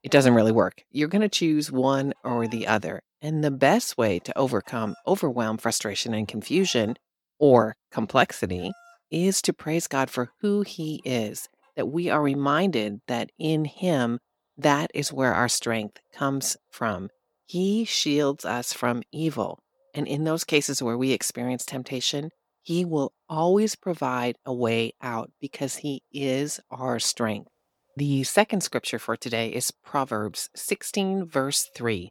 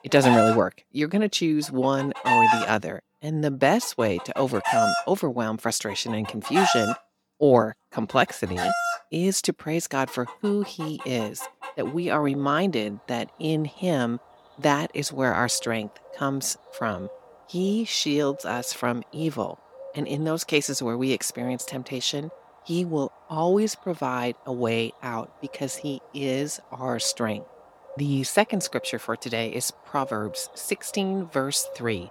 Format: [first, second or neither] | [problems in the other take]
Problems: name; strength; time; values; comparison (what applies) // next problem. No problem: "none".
first | animal sounds; loud; throughout; 2 dB below the speech; faint in the first